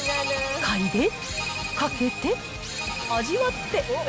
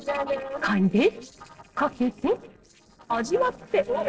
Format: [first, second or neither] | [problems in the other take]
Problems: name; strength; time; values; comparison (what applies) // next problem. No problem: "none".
first | noise reduction (neural separator model SepFormer DNS4)